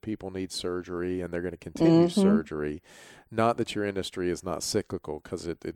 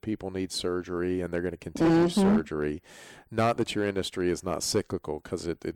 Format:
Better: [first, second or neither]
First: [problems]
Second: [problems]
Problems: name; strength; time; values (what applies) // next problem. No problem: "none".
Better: first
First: none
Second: distortion; slight; 4% of the sound clipped